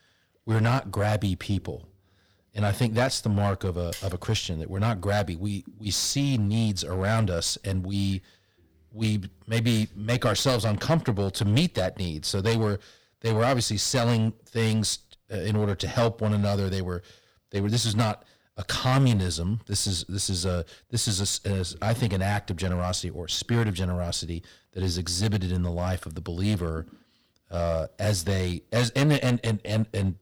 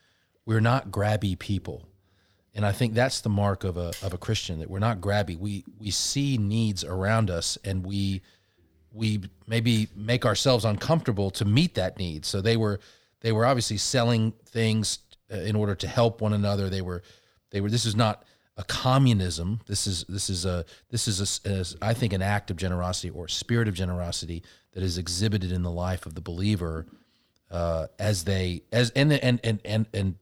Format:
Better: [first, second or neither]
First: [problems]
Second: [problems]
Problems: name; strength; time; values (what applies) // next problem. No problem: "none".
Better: second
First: distortion; slight; 5% of the sound clipped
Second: none